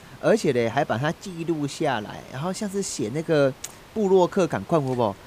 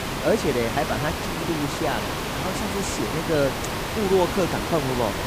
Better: first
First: hiss; faint; throughout; 25 dB below the speech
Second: hiss; loud; throughout; 2 dB below the speech

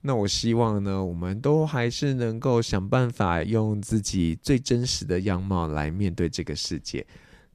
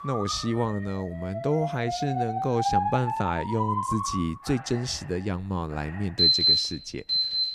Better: first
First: none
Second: alarms or sirens; very loud; throughout; 4 dB above the speech

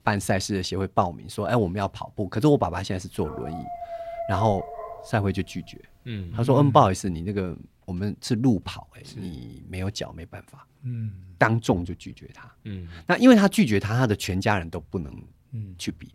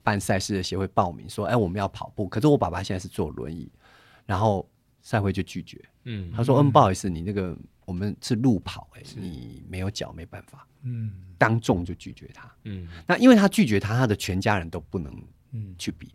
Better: second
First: dog barking; noticeable; from 3 to 6.5 s; peak 7 dB below the speech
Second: none

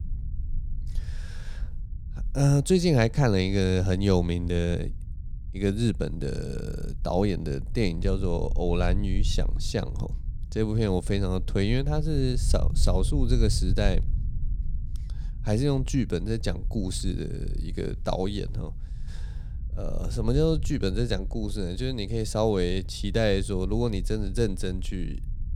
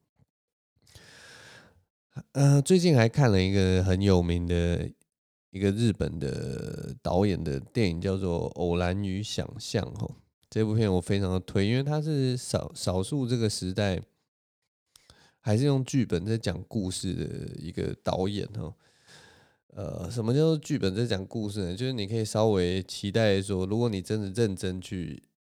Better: second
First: low rumble; faint; throughout; 20 dB below the speech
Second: none

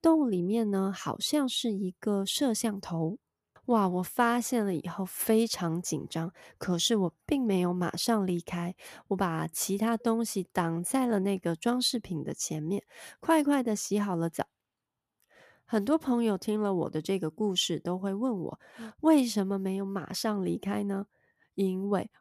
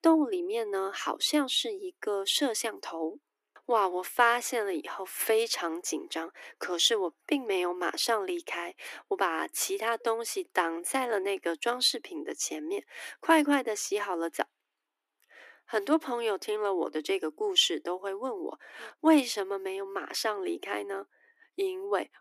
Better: first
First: none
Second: thin; somewhat; fading below 300 Hz

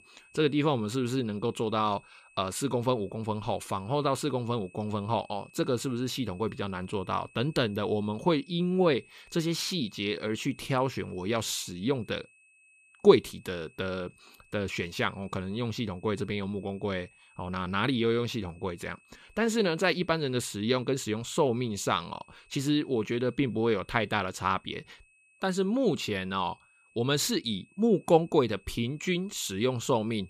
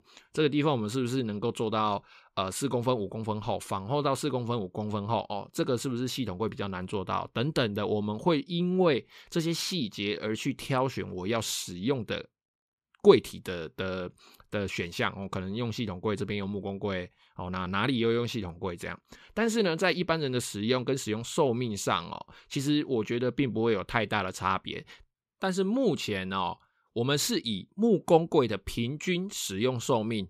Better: second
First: high-pitched whine; faint; throughout; 2.5 kHz, 30 dB below the speech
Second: none

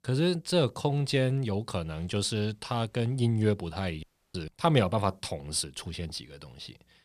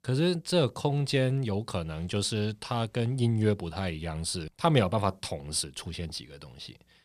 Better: second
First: audio cutting out; at 4 s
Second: none

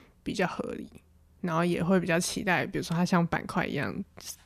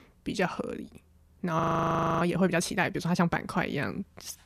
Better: first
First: none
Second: audio freezing; at 1.5 s for 0.5 s

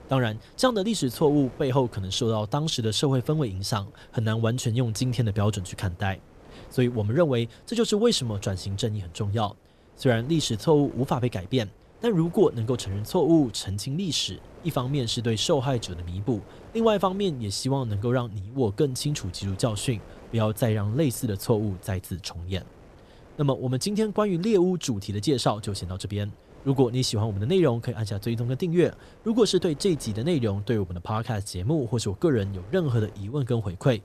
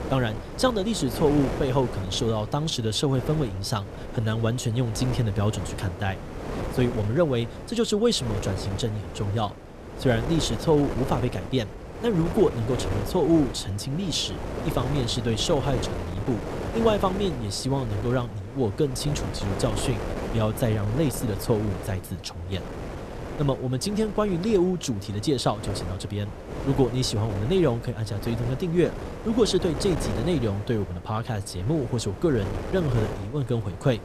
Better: first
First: wind noise on the microphone; occasional gusts; 25 dB below the speech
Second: wind noise on the microphone; heavy; 8 dB below the speech

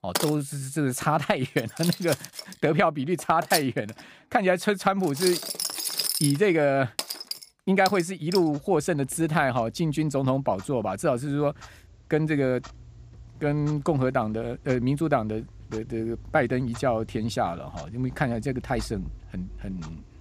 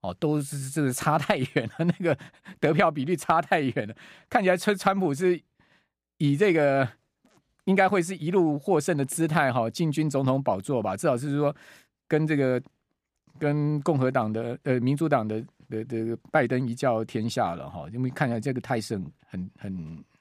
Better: second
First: household noises; loud; throughout; 7 dB below the speech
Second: none

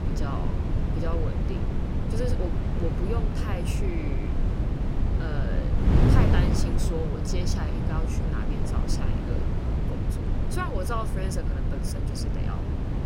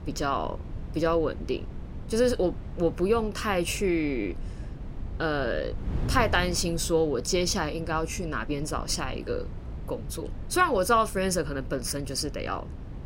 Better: second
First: wind noise on the microphone; heavy; as loud as the speech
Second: wind noise on the microphone; occasional gusts; 20 dB below the speech

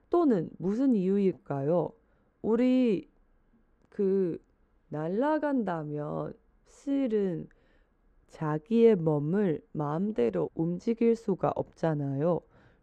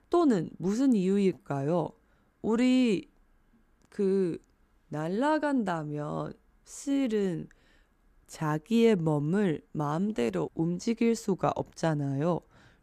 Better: second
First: muffled; slightly; fading above 1.5 kHz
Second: none

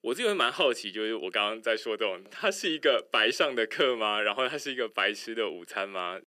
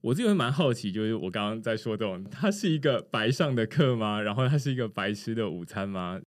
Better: second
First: thin; very; fading below 350 Hz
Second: none

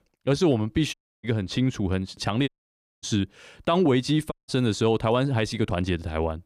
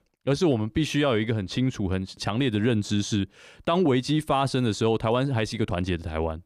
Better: second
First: audio cutting out; at 1 s, at 2.5 s for 0.5 s and at 4.5 s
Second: none

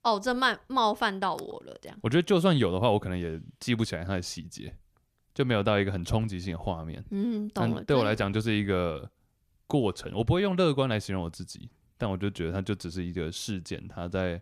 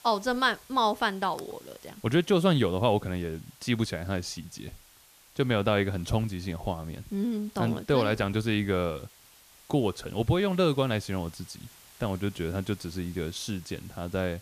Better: first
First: none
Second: hiss; faint; throughout; 25 dB below the speech

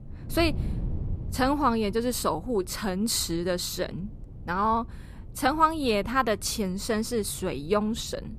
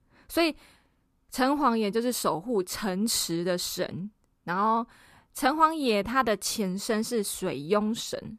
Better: second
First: wind noise on the microphone; occasional gusts; 25 dB below the speech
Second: none

